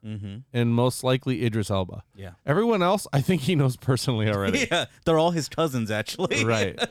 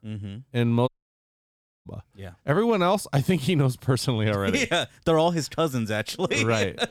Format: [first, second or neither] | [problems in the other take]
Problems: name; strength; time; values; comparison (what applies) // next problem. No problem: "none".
first | audio cutting out; at 1 s for 1 s